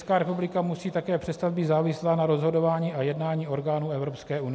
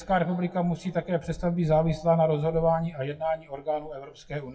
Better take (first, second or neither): first